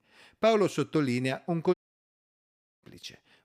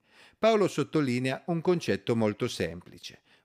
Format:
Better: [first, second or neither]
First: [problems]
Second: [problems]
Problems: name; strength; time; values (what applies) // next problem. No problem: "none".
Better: second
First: audio cutting out; at 1.5 s for 1 s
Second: none